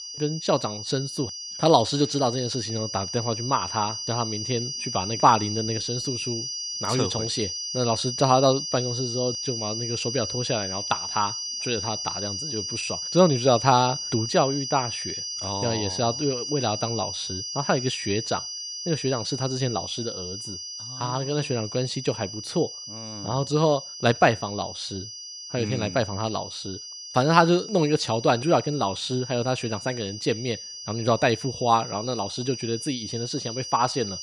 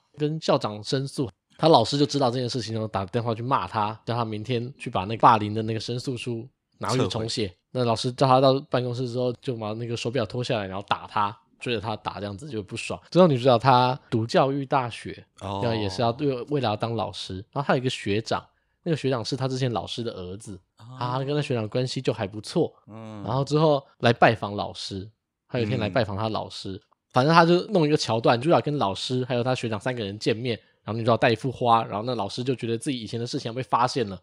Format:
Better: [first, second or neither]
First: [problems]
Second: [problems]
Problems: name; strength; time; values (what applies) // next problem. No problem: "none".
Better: second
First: high-pitched whine; loud; throughout; 5 kHz, 6 dB below the speech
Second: none